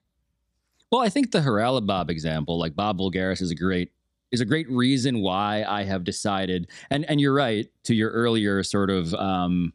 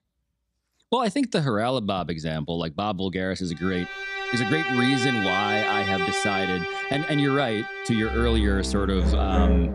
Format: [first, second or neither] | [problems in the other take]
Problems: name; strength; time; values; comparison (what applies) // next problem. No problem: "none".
first | background music; loud; from 4 s on; as loud as the speech